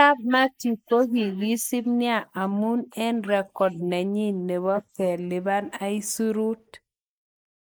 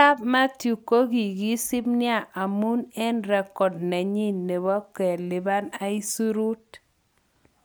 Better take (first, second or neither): second